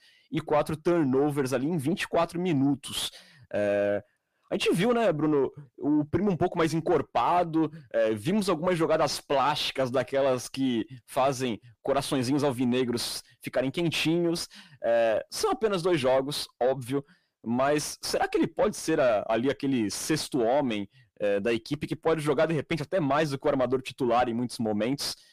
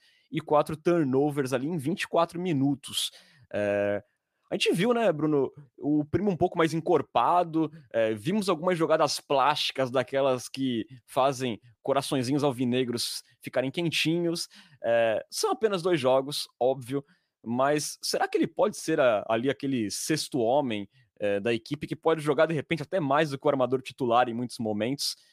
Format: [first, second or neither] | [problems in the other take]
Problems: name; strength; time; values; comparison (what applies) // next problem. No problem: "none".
second | distortion; slight; 10 dB below the speech